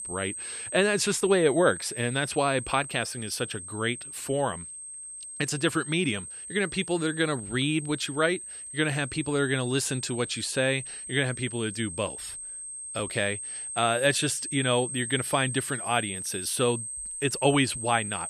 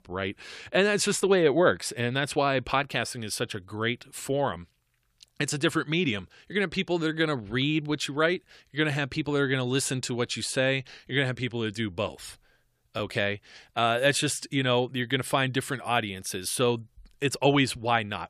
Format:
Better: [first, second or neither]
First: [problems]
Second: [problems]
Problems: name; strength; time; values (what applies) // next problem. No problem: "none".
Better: second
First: high-pitched whine; loud; throughout; 8.5 kHz, 8 dB below the speech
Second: none